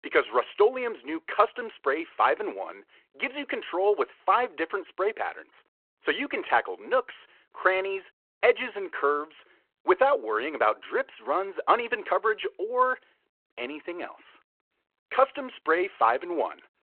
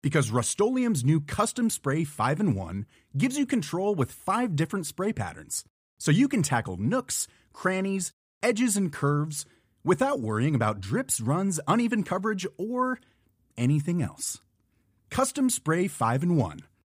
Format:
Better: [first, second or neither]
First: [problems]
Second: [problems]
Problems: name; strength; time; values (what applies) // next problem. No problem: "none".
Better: second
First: phone-call audio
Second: none